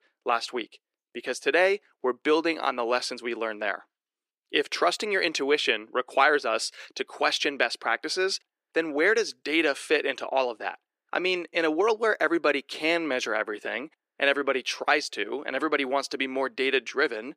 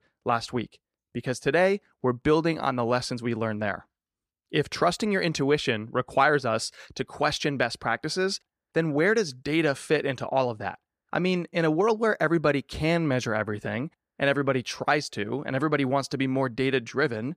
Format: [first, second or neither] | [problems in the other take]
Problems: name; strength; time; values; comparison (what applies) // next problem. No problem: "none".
second | thin; somewhat; fading below 350 Hz